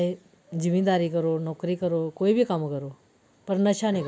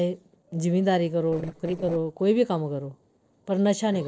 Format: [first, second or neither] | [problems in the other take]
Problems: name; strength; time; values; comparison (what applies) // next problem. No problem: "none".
first | noise reduction (neural separator model SepFormer DNS4)